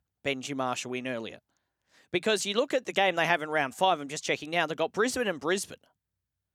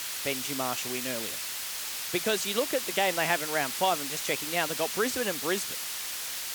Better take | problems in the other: first | hiss; loud; throughout; 2 dB below the speech

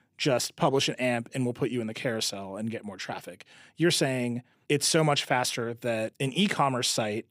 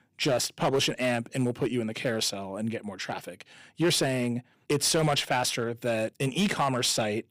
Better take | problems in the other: first | distortion; slight; 5% of the sound clipped

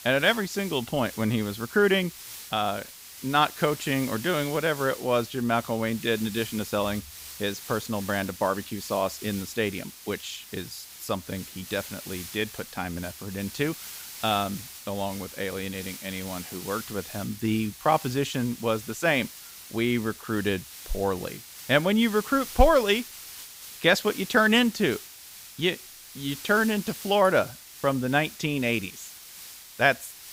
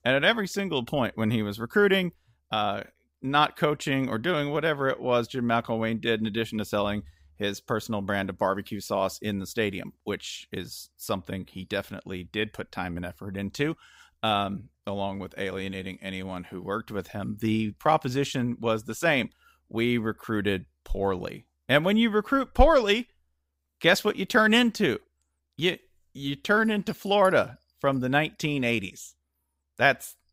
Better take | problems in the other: second | hiss; noticeable; throughout; 15 dB below the speech

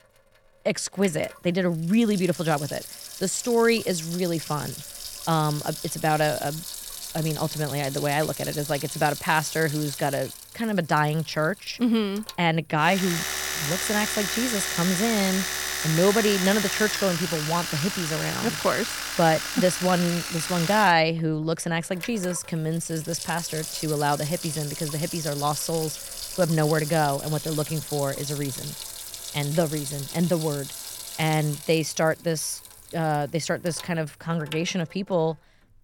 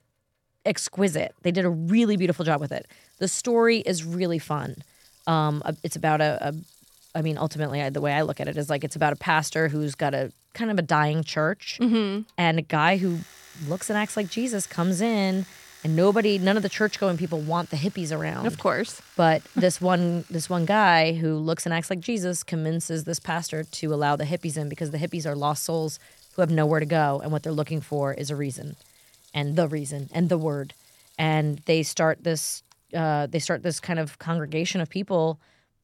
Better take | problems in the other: second | household noises; loud; throughout; 5 dB below the speech; faint in the second

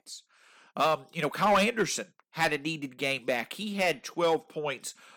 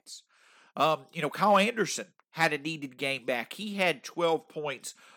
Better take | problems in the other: second | distortion; slight; 2% of the sound clipped

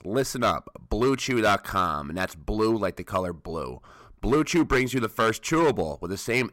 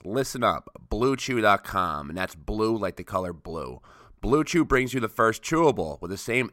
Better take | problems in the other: second | distortion; slight; 4% of the sound clipped

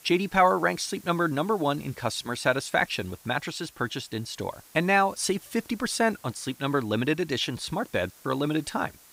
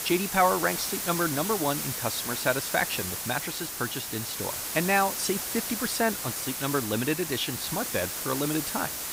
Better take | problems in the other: first | hiss; loud; throughout; 2 dB below the speech; faint in the first

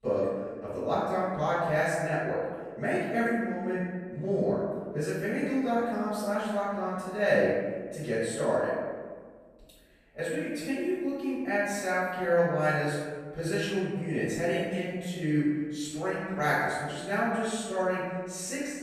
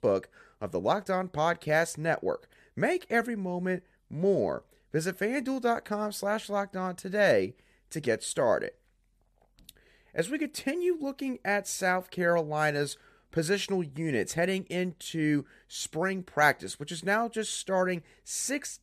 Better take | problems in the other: second | room echo; strong; dies away in 1.5 s // off-mic speech; far

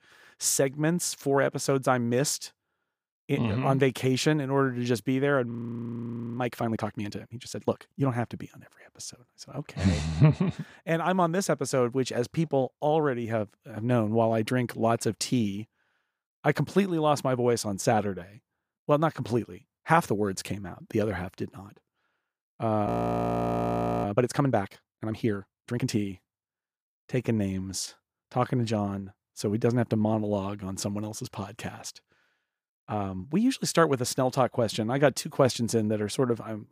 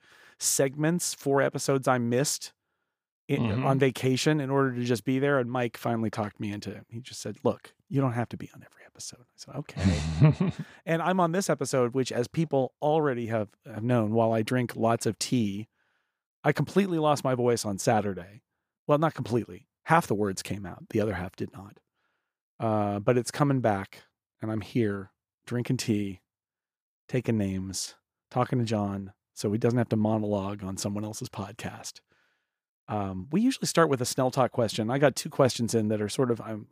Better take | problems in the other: second | audio freezing; at 5.5 s for 1 s and at 23 s for 1 s

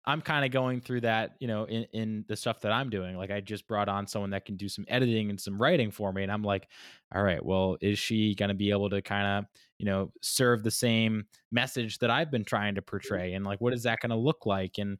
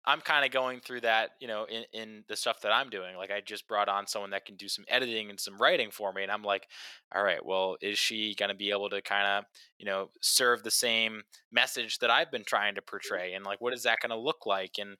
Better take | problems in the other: first | thin; very; fading below 650 Hz

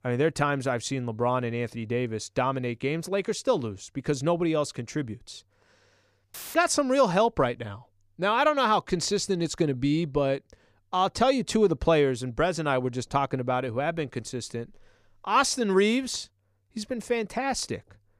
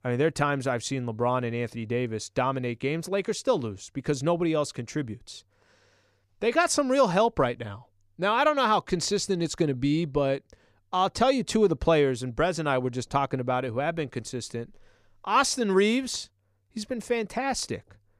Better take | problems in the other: second | audio cutting out; filled with static; at 6.5 s

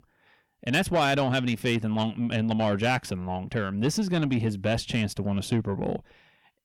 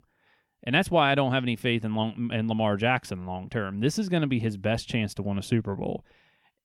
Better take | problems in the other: second | distortion; slight; 10 dB below the speech

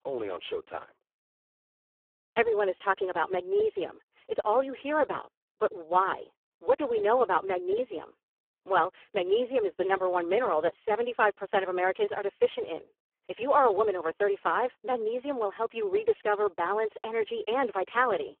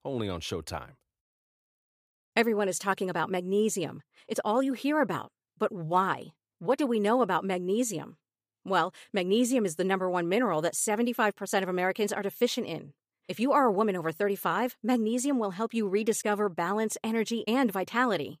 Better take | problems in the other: second | phone-call audio; poor line

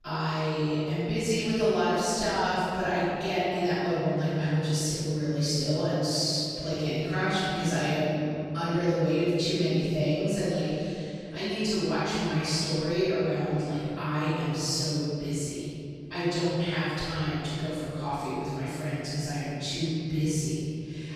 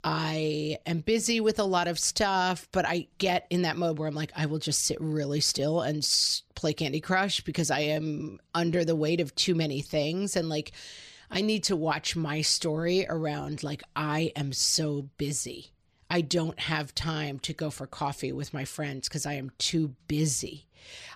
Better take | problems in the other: second | room echo; strong; dies away in 2.6 s // off-mic speech; far

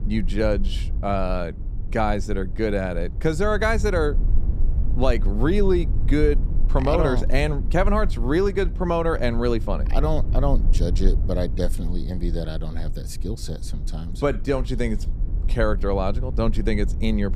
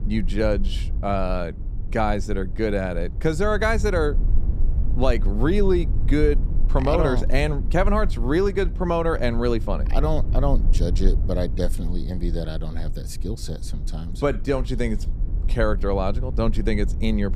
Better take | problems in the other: neither | low rumble; noticeable; throughout; 20 dB below the speech; the same in both

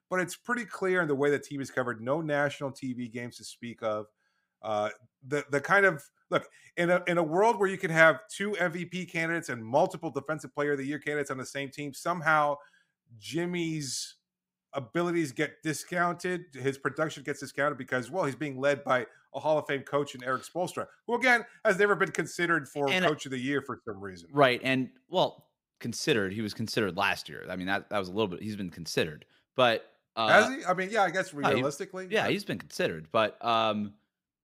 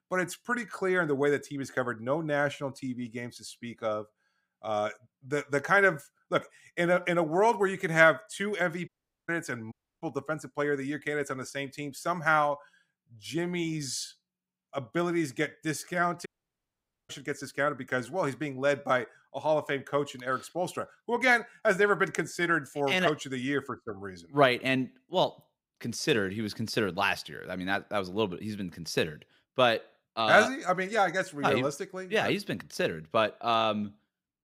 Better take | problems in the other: first | audio cutting out; at 9 s, at 9.5 s and at 16 s for 1 s

